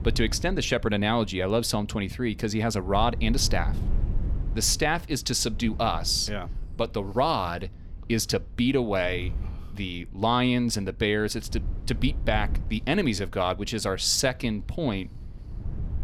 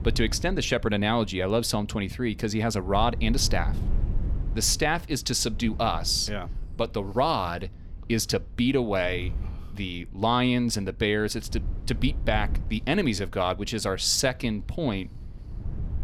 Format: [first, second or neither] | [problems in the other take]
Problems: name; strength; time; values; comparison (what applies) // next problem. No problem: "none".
neither | wind noise on the microphone; occasional gusts; 25 dB below the speech; the same in both